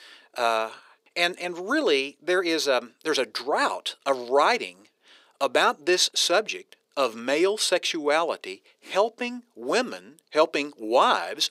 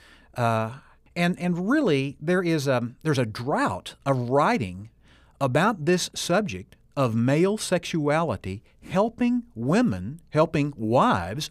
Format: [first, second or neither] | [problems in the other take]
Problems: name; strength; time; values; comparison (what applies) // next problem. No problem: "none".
second | thin; somewhat; fading below 350 Hz